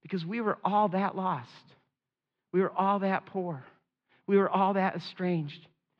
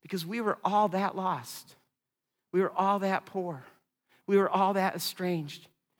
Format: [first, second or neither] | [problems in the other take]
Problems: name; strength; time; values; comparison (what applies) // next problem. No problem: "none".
second | muffled; slightly; fading above 3.5 kHz